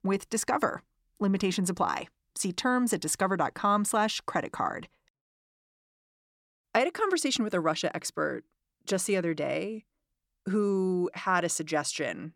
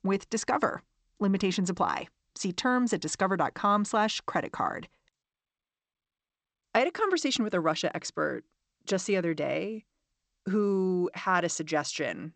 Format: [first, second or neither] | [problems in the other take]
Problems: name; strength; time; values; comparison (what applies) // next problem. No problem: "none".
first | garbled, watery; slightly; nothing above 8 kHz